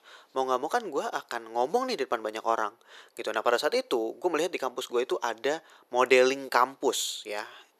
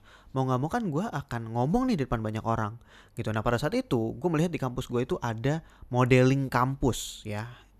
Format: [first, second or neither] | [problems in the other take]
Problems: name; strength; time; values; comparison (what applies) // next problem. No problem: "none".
second | thin; very; fading below 400 Hz